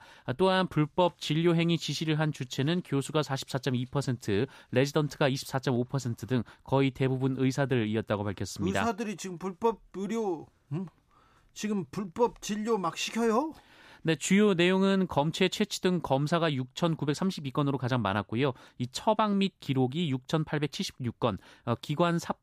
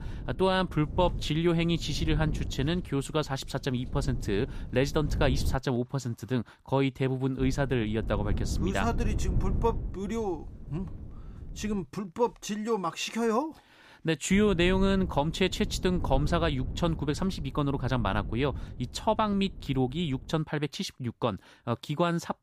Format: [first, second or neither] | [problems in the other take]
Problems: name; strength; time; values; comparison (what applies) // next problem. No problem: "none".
first | wind noise on the microphone; occasional gusts; until 5.5 s, from 7.5 to 12 s and from 14 to 20 s; 20 dB below the speech